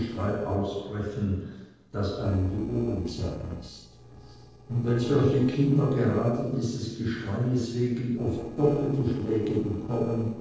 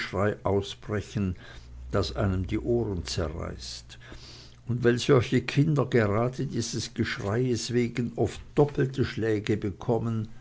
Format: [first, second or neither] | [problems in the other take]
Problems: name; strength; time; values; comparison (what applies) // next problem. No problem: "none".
second | noise reduction (neural separator model SepFormer DNS4)